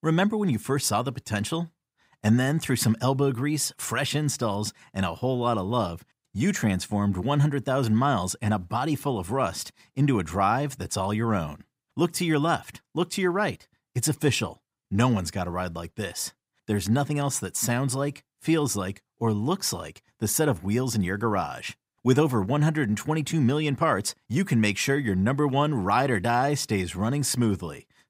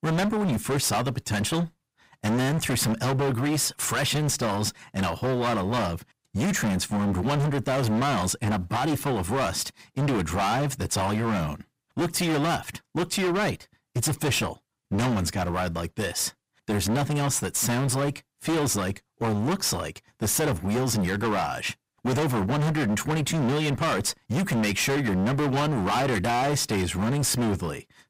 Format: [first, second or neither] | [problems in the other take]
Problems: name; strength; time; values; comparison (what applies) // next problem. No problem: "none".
first | distortion; heavy; 29% of the sound clipped